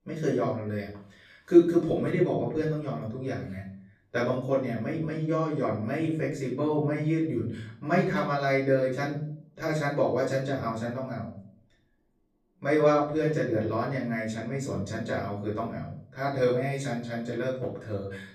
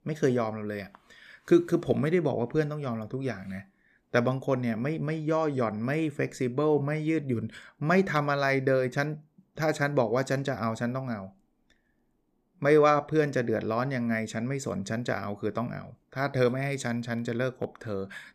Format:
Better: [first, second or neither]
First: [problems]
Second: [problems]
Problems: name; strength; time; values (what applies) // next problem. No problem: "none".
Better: second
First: off-mic speech; far // room echo; noticeable; dies away in 0.5 s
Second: none